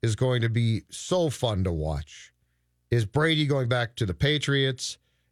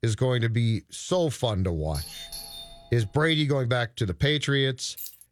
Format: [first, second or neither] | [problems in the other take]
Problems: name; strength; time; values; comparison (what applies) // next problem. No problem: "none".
first | doorbell; faint; from 2 to 3 s; peak 10 dB below the speech // jangling keys; faint; at 5 s; peak 10 dB below the speech